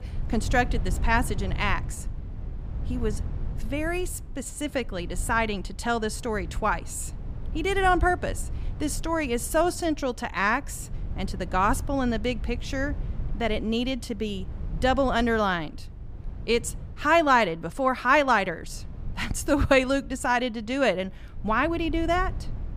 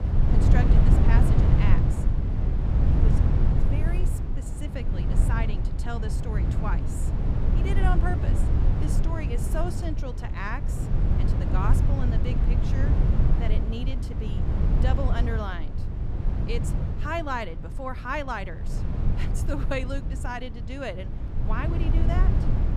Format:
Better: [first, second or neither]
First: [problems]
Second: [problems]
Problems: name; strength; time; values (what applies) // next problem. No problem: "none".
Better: first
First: low rumble; faint; throughout; 25 dB below the speech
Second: low rumble; loud; throughout; 3 dB below the speech